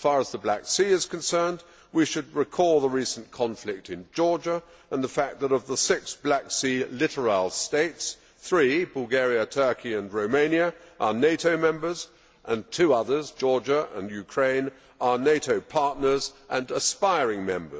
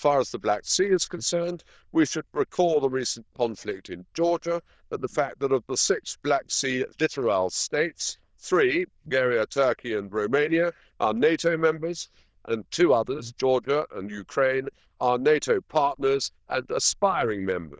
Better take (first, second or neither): first